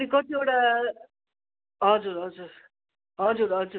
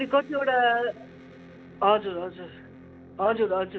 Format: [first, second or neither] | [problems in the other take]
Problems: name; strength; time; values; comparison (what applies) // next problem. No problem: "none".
first | background sound (Electric guitar); 20 dB below the speech